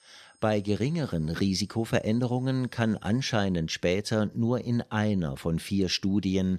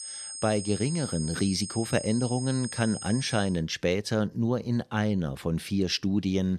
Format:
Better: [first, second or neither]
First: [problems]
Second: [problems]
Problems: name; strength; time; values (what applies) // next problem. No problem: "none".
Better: first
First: high-pitched whine; faint; until 3.5 s; 8.5 kHz, 35 dB below the speech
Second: high-pitched whine; loud; until 3.5 s; 8.5 kHz, 8 dB below the speech